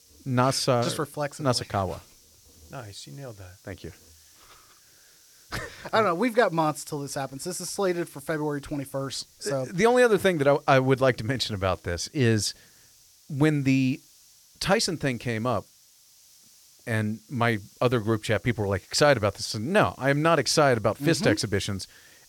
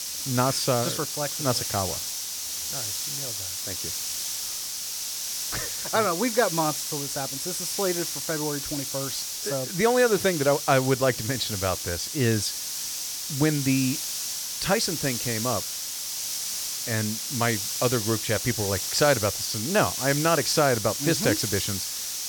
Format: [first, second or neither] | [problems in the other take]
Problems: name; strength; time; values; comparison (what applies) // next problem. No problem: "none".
first | hiss; loud; throughout; 2 dB below the speech; faint in the first